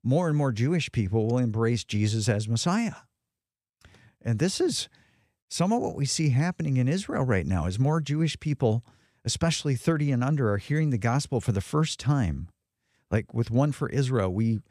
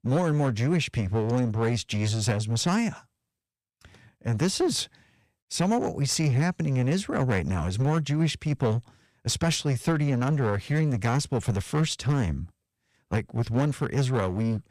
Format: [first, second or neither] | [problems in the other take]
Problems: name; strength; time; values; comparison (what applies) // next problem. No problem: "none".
first | distortion; slight; 12% of the sound clipped